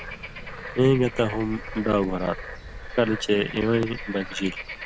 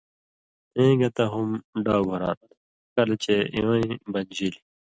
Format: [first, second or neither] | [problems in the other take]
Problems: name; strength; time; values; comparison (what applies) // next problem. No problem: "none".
second | background sound (Bird / Frog); 11 dB below the speech